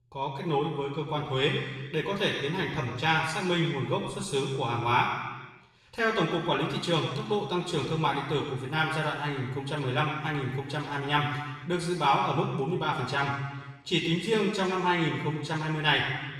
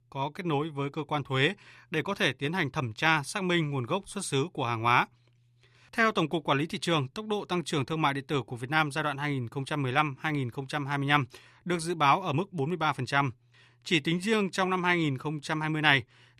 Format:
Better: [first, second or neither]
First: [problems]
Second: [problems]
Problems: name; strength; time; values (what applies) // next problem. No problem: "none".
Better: second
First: room echo; noticeable; dies away in 1.2 s // off-mic speech; far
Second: none